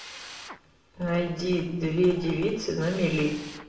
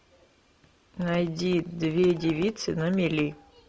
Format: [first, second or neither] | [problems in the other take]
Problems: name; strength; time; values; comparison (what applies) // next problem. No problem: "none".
second | background sound (Drill); 19 dB below the speech // room echo; dies away in 0.8 s